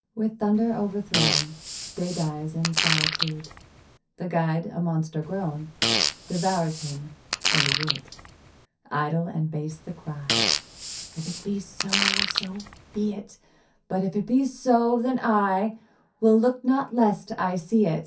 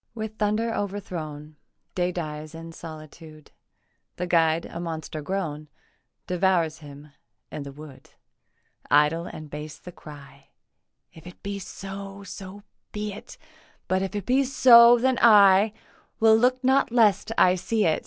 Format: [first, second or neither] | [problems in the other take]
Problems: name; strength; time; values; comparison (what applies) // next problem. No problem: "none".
second | background sound (Fart); 2 dB below the speech // room echo; dies away in 0.3 s